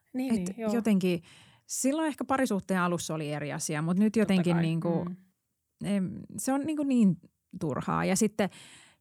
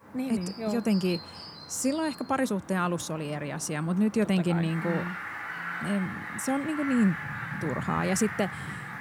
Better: first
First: none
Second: animal sounds; loud; throughout; 9 dB below the speech

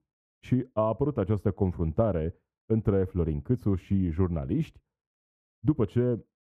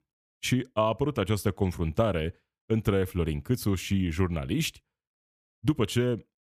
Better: second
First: muffled; very; fading above 2 kHz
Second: none

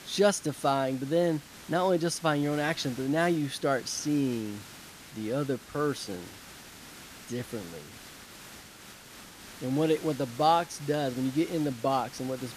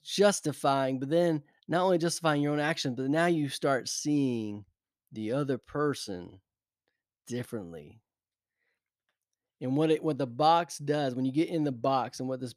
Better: second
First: hiss; noticeable; throughout; 15 dB below the speech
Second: none

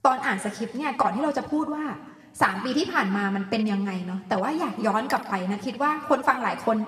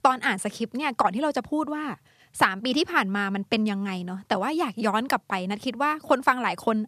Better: second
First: room echo; slight; dies away in 1.3 s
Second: none

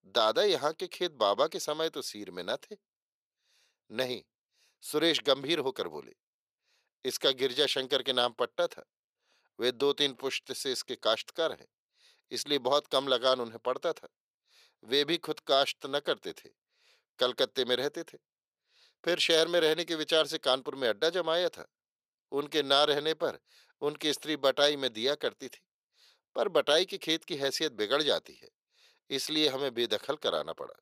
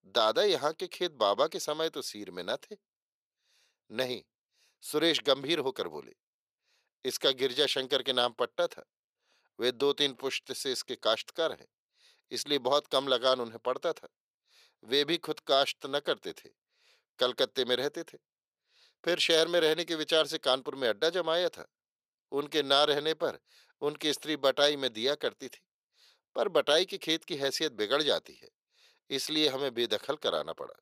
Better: neither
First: thin; somewhat; fading below 500 Hz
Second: thin; somewhat; fading below 500 Hz

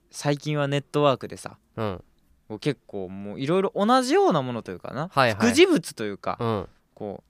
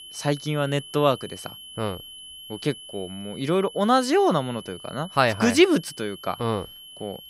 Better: first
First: none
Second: high-pitched whine; noticeable; throughout; 3 kHz, 15 dB below the speech

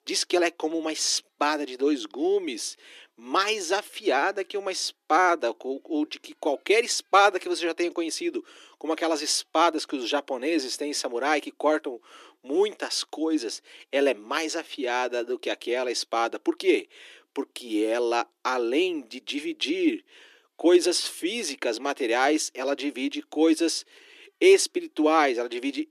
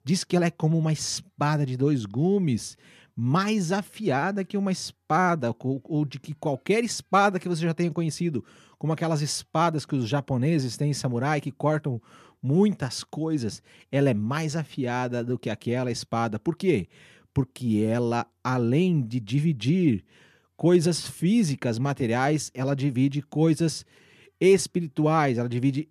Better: second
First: thin; somewhat; fading below 300 Hz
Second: none

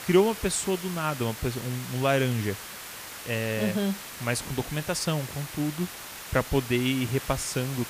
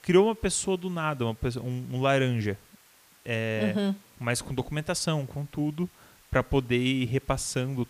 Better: second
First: hiss; loud; throughout; 9 dB below the speech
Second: hiss; faint; throughout; 25 dB below the speech

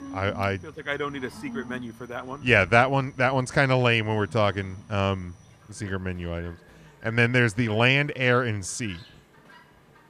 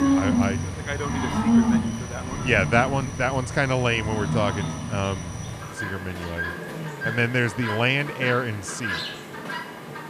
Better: first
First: animal sounds; faint; throughout; 25 dB below the speech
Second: animal sounds; loud; throughout; 2 dB below the speech

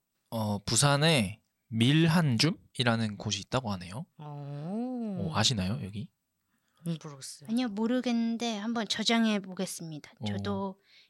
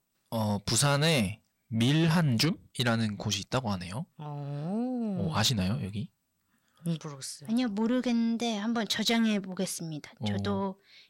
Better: first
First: none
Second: distortion; slight; 10 dB below the speech

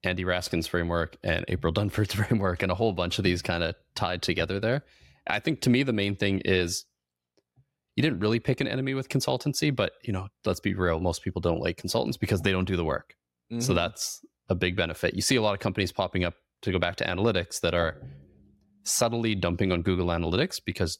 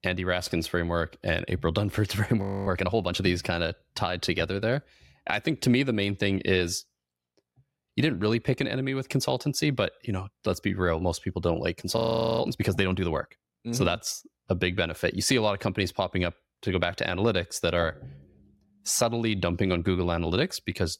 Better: first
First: none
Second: audio freezing; at 2.5 s and at 12 s

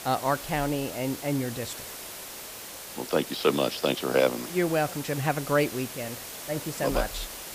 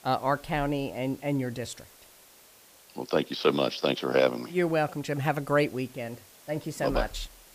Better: second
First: hiss; loud; throughout; 9 dB below the speech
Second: hiss; faint; throughout; 25 dB below the speech

